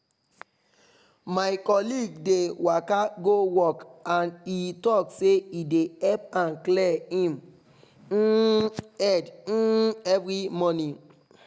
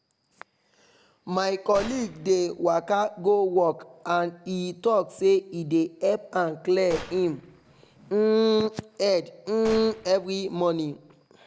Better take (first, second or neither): first